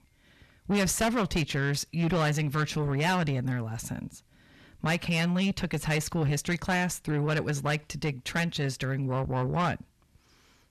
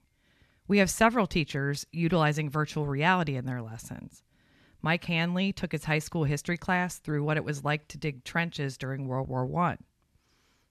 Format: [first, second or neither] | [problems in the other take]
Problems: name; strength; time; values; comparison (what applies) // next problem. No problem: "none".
second | distortion; heavy; 6 dB below the speech